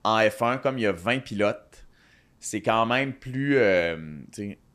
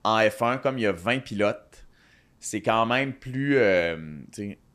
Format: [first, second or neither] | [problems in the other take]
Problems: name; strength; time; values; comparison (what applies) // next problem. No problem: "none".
neither | none